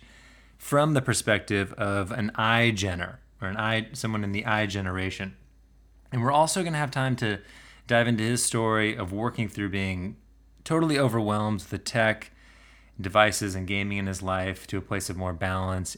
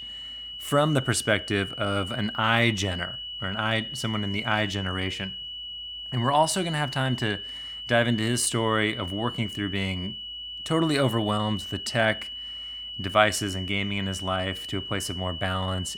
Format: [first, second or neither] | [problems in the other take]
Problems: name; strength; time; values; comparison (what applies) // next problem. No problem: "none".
first | high-pitched whine; loud; throughout; 3 kHz, 8 dB below the speech